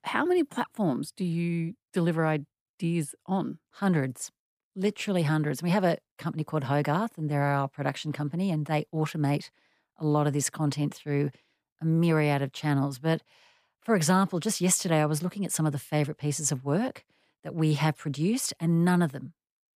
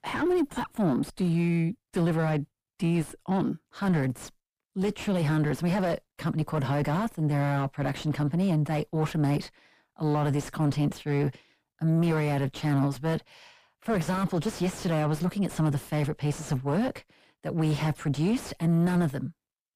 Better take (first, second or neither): first